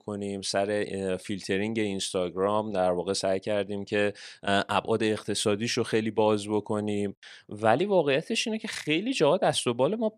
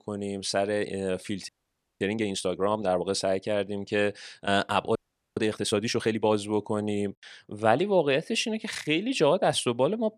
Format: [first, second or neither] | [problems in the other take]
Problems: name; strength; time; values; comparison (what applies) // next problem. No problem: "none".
first | audio freezing; at 1.5 s for 0.5 s and at 5 s